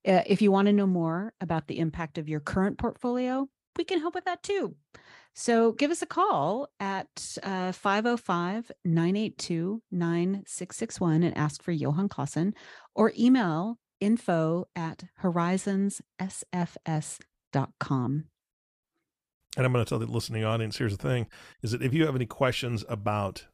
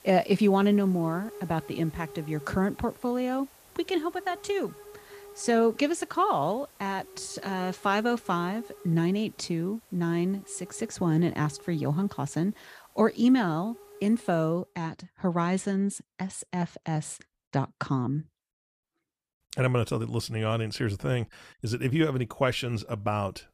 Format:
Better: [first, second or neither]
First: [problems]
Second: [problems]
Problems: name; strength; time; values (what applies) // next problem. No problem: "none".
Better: first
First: none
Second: hiss; faint; until 15 s; 20 dB below the speech